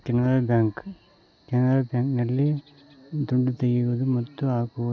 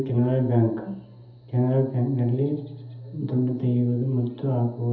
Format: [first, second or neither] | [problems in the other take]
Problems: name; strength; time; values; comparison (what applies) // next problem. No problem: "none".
first | room echo; dies away in 0.7 s